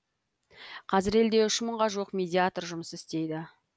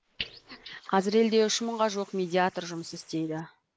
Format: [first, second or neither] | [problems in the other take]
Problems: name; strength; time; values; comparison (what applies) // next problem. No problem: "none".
first | noise reduction (neural mask model Resemble Enhance denoiser)